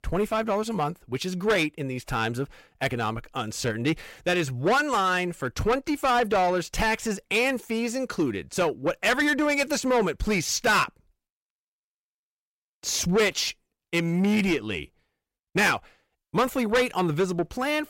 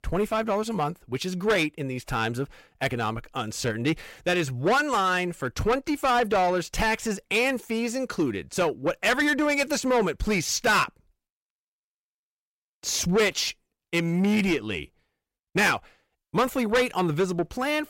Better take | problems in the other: neither | distortion; heavy; 7 dB below the speech; the same in both

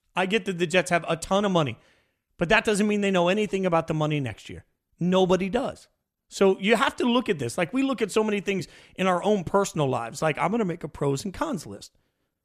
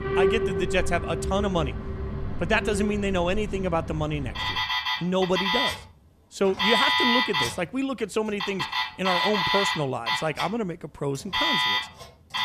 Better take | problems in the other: first | alarms or sirens; very loud; throughout; 1 dB above the speech

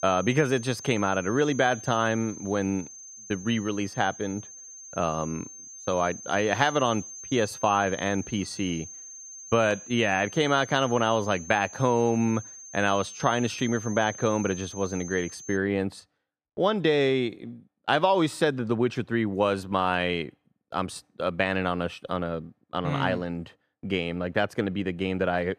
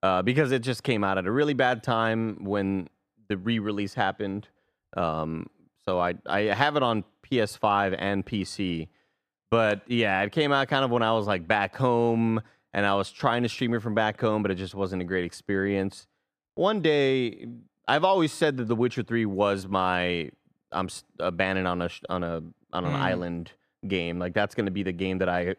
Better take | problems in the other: second | high-pitched whine; noticeable; until 16 s; 6.5 kHz, 15 dB below the speech

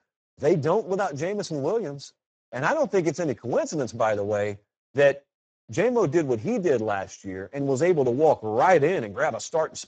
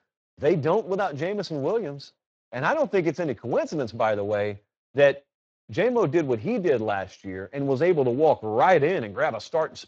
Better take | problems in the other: second | garbled, watery; badly; nothing above 7.5 kHz; slightly in the second

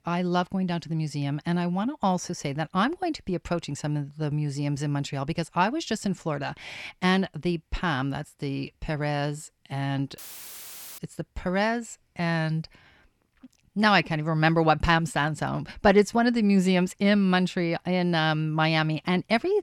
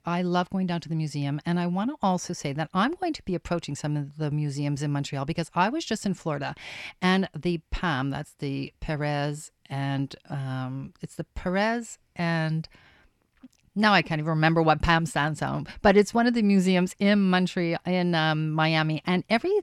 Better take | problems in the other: second | audio cutting out; filled with static; at 10 s for 1 s

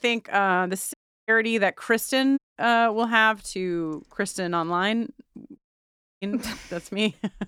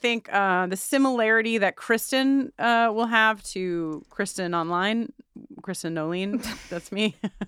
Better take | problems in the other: second | audio cutting out; at 1 s, at 2.5 s and at 5.5 s for 0.5 s

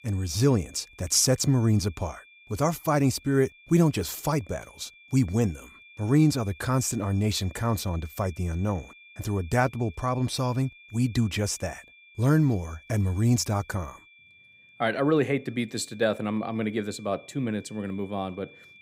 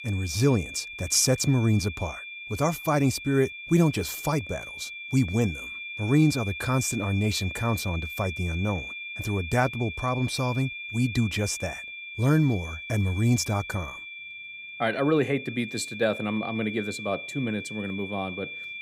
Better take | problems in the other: first | high-pitched whine; loud; throughout; 2.5 kHz, 9 dB below the speech; faint in the first

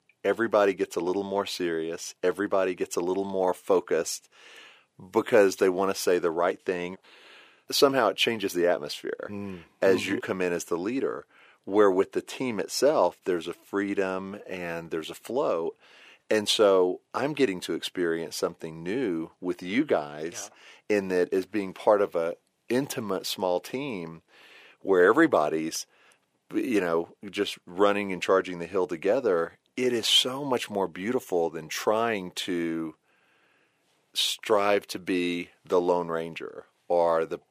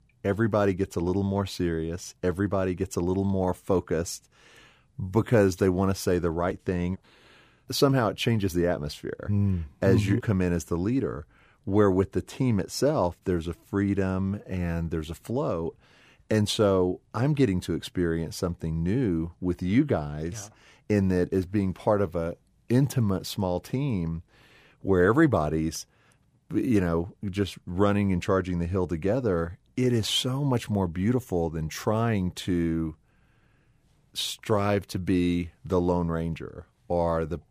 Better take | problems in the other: second | thin; somewhat; fading below 450 Hz

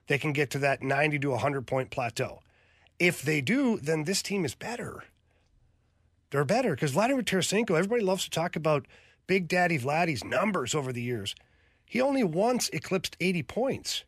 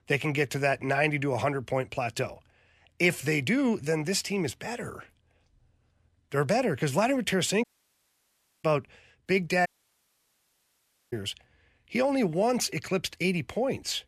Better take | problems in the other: first | audio cutting out; at 7.5 s for 1 s and at 9.5 s for 1.5 s

